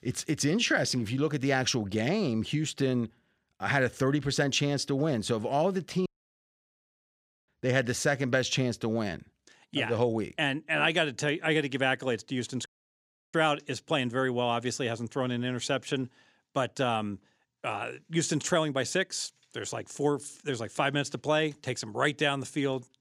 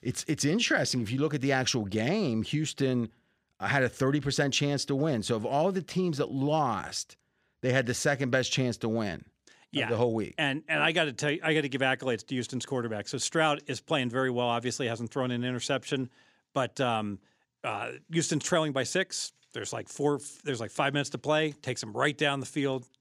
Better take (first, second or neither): second